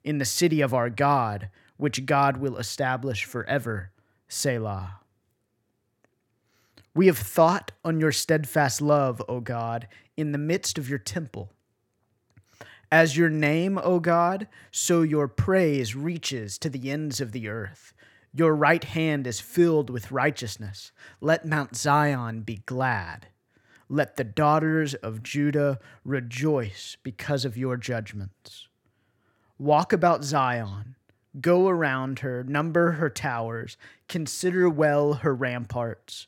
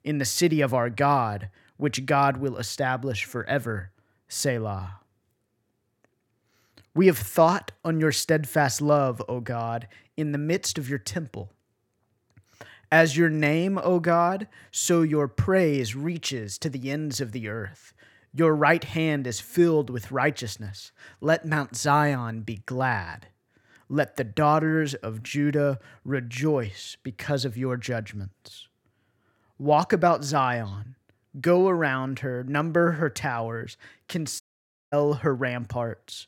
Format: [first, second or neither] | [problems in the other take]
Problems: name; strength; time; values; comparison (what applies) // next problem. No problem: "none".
first | audio cutting out; at 34 s for 0.5 s